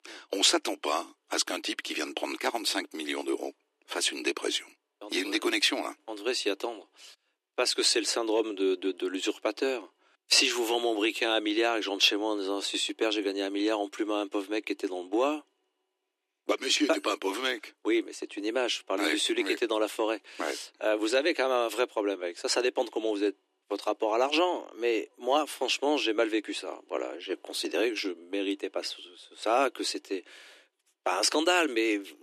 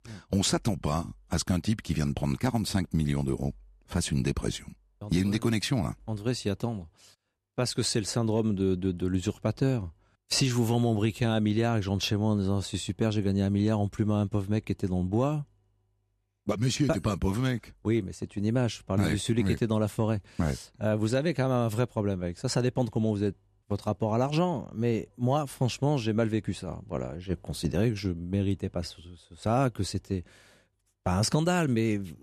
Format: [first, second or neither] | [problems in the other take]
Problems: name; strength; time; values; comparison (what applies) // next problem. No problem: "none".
second | thin; very; fading below 300 Hz